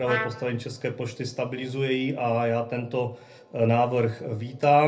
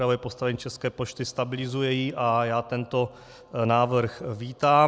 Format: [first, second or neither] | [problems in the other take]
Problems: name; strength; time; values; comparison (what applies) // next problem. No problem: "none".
second | background sound (Trumpet); 8 dB below the speech // room echo; dies away in 0.3 s